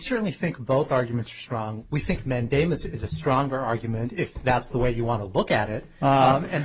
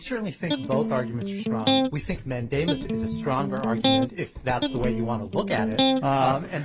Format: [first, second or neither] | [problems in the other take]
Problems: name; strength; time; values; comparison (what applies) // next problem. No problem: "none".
first | background sound (Electric guitar); 1 dB above the speech